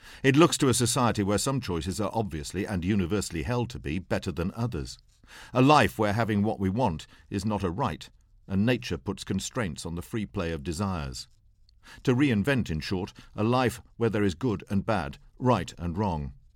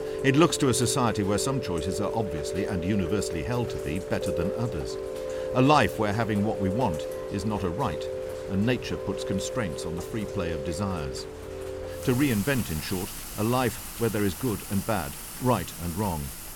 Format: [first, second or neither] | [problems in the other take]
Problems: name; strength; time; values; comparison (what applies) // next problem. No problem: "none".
first | rain or running water; loud; throughout; 6 dB below the speech